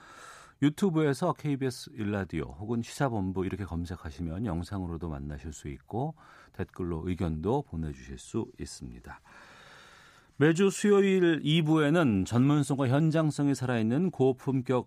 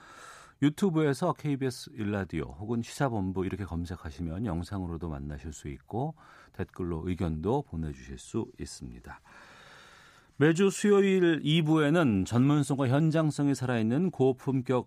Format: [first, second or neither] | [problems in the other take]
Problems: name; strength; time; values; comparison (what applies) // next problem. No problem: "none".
neither | none